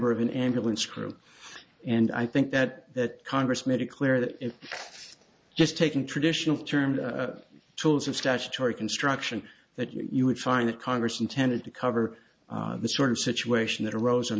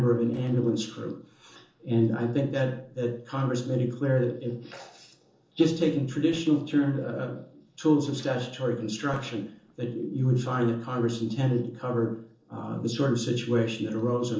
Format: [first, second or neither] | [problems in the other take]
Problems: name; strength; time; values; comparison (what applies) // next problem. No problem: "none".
first | noise reduction (neural separator model SepFormer DNS4)